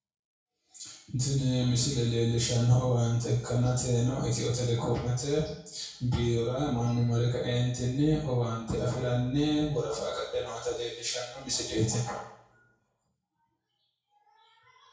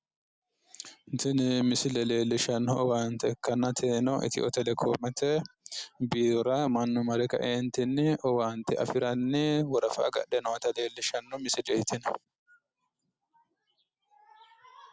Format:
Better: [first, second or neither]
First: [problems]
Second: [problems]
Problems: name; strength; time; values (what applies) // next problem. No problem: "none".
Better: second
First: room echo; dies away in 0.6 s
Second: none